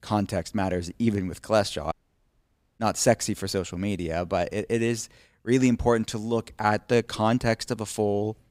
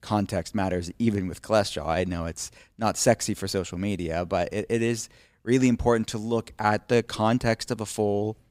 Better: second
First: audio cutting out; at 2 s for 1 s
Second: none

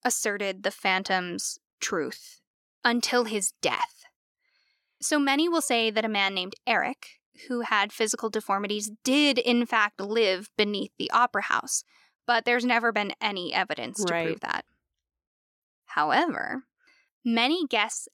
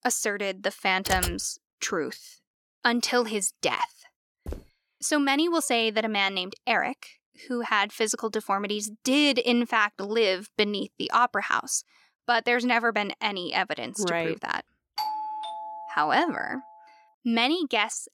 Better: first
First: none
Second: keyboard typing; noticeable; at 1 s; peak 4 dB below the speech // footsteps; faint; at 4.5 s; peak 15 dB below the speech // doorbell; noticeable; from 15 to 17 s; peak 5 dB below the speech

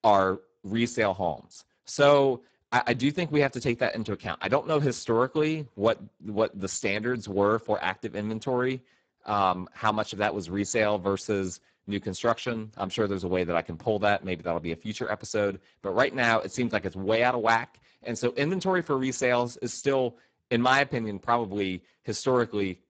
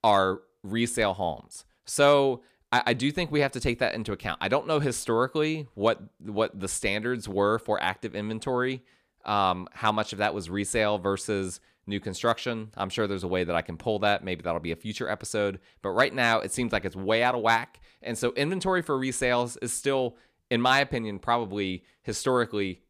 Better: second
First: garbled, watery; badly; nothing above 7.5 kHz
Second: none

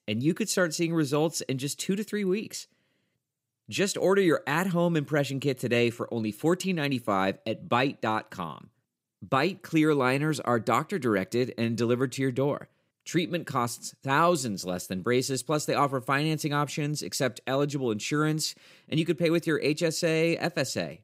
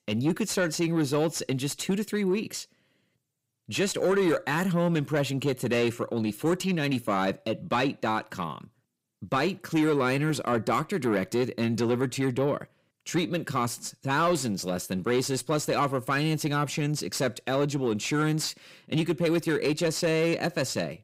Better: first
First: none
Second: distortion; slight; 10 dB below the speech

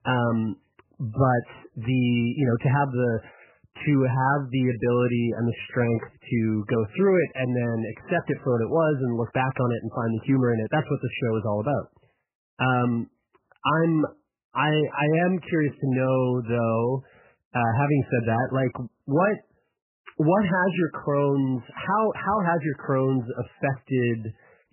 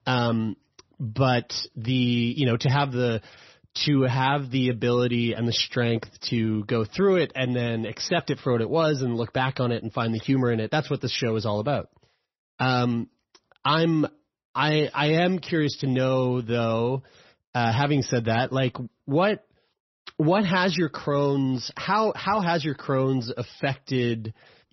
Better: second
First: garbled, watery; badly; nothing above 3 kHz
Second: garbled, watery; slightly; nothing above 6 kHz

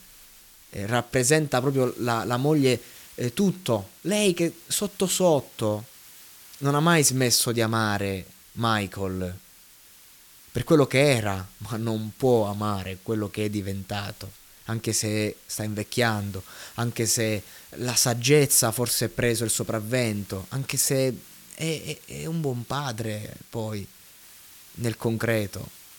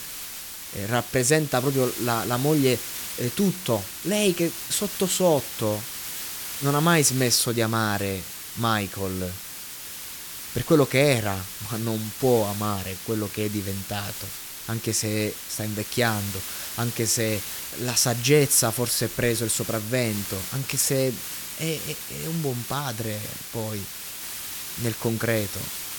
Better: first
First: hiss; faint; throughout; 20 dB below the speech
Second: hiss; loud; throughout; 8 dB below the speech

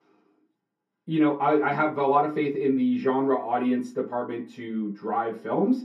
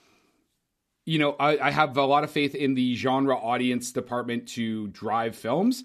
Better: second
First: room echo; slight; dies away in 0.3 s // off-mic speech; far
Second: none

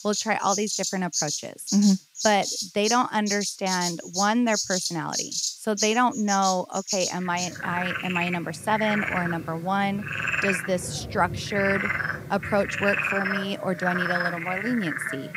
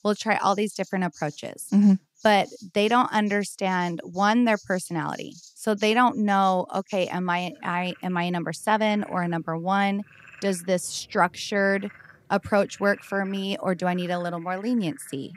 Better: second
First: animal sounds; loud; throughout; 3 dB below the speech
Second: animal sounds; faint; throughout; 25 dB below the speech

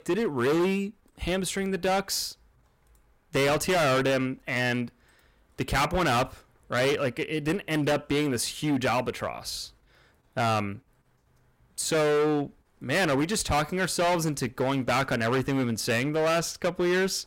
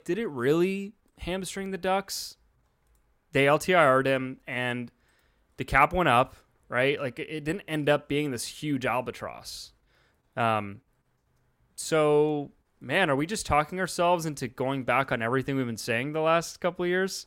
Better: second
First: distortion; heavy; 15% of the sound clipped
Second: none

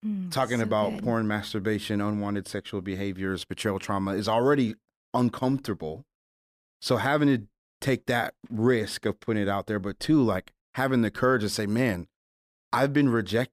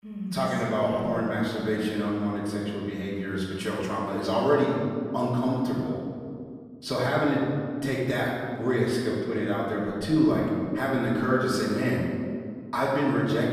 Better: first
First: none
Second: off-mic speech; far // room echo; noticeable; dies away in 1.9 s

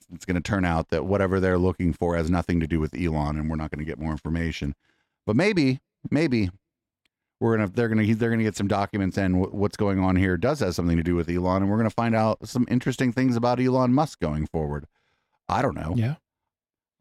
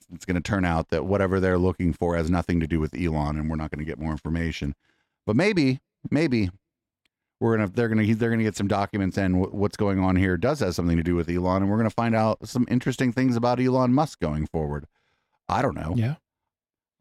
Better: neither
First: none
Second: none

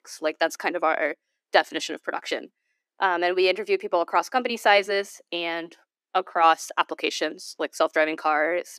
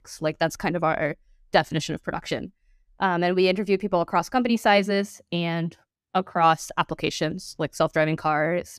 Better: second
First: thin; very; fading below 300 Hz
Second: none

